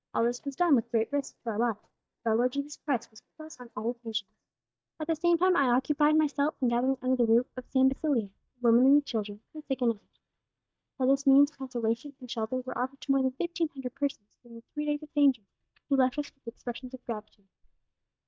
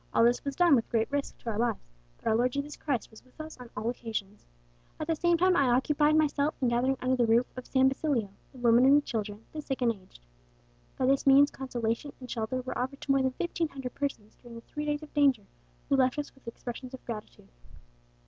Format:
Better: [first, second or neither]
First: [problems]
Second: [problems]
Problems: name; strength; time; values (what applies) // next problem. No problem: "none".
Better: second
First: noise reduction (neural mask model DeepFilterNet 3)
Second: none